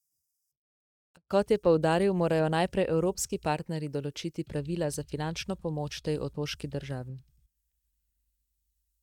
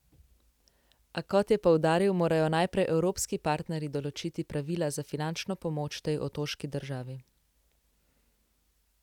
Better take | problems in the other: second | noise reduction (neural mask model DeepFilterNet 3)

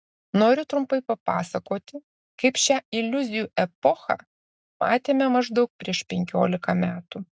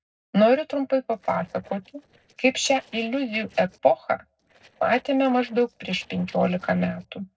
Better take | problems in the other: first | noise reduction (neural separator model SepFormer DNS4)

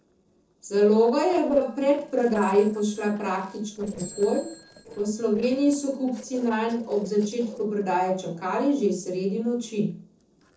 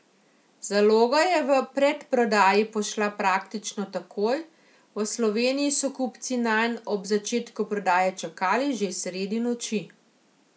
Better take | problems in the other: second | noise reduction (neural separator model SepFormer DNS4)

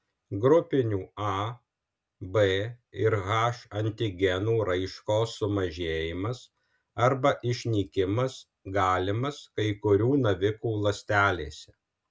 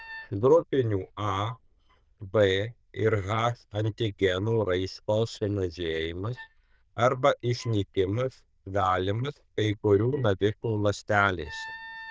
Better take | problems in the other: first | noise reduction (neural diffusion model UNIVERSE++)

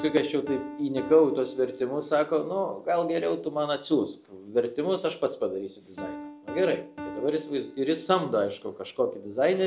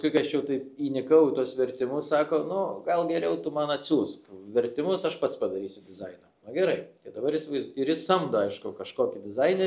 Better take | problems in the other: second | background sound (Piano); 16 dB below the speech

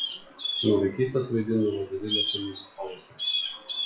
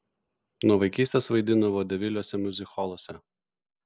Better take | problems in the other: second | noise reduction (classical method WPE with log-MMSE)

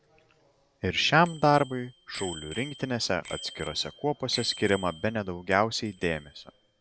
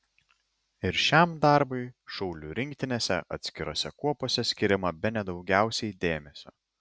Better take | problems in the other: second | background sound (Bicycle bell); 15 dB below the speech

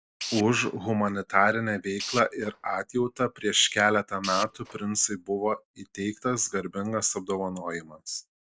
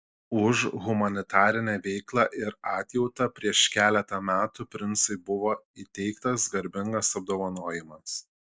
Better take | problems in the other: second | background sound (Tools); 11 dB below the speech

